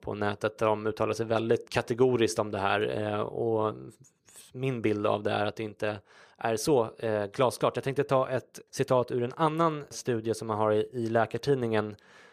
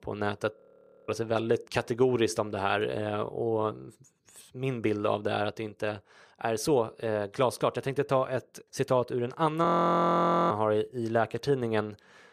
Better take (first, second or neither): first